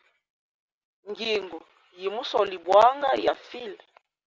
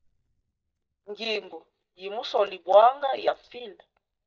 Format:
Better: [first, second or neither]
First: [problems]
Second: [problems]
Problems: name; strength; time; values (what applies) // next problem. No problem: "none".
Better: first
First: none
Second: noise reduction (neural mask model DeepFilterNet 3)